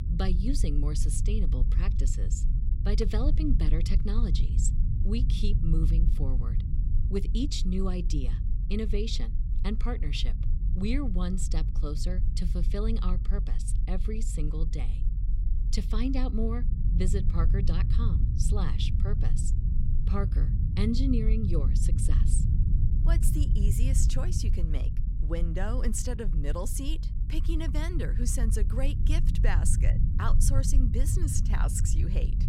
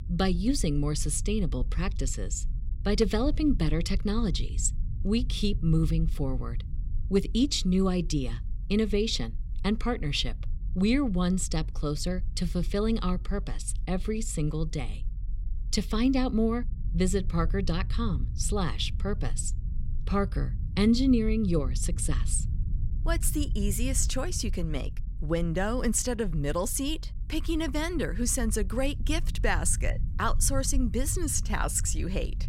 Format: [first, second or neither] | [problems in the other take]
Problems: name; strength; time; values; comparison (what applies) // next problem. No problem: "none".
second | low rumble; loud; throughout; 7 dB below the speech; faint in the second